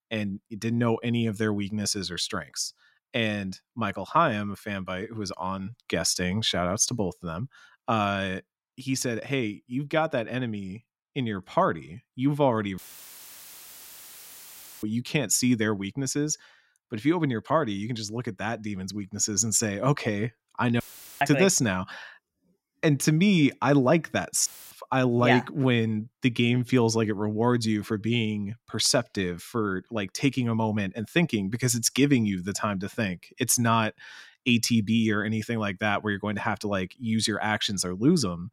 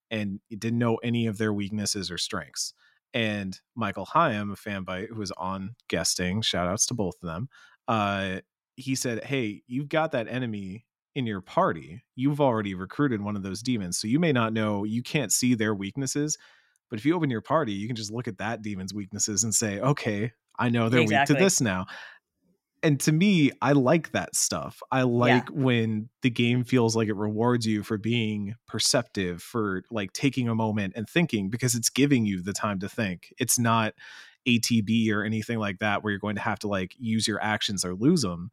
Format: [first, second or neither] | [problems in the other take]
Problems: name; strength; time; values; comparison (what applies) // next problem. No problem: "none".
second | audio cutting out; filled with static; at 13 s for 2 s, at 21 s and at 24 s